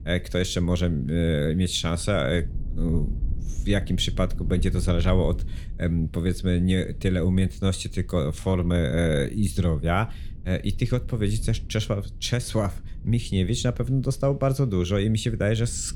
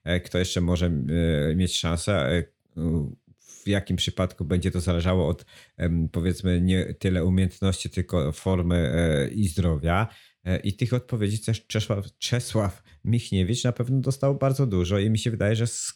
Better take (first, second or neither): second